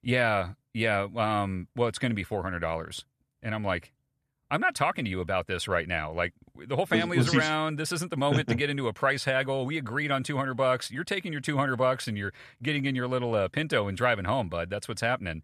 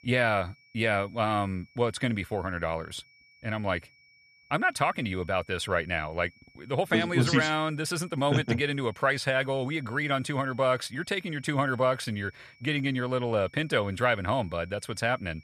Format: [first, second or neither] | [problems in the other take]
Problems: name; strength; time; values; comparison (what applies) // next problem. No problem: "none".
first | high-pitched whine; faint; throughout; 2.5 kHz, 30 dB below the speech